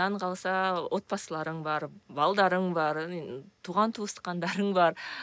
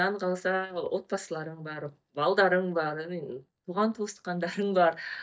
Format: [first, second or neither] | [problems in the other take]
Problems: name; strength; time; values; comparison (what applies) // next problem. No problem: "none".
first | noise reduction (neural mask model DeepFilterNet 3)